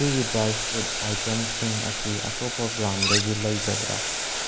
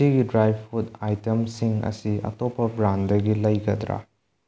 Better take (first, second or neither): second